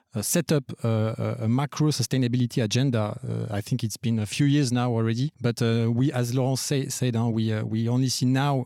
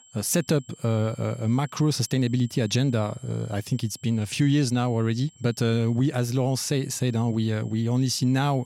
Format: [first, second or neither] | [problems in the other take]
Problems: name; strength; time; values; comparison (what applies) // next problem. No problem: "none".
first | high-pitched whine; faint; throughout; 7.5 kHz, 25 dB below the speech